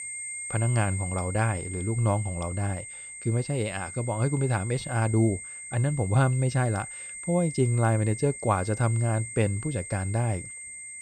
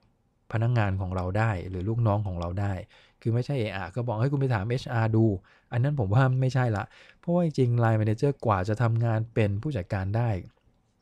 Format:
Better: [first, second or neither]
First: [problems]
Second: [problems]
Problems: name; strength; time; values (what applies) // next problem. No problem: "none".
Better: second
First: high-pitched whine; loud; throughout; 8.5 kHz, 9 dB below the speech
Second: none